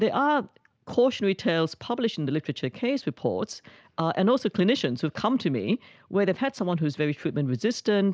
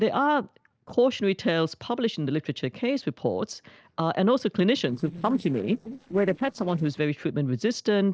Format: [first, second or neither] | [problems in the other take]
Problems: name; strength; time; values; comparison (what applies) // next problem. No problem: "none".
first | noise reduction (neural separator model SepFormer DNS4)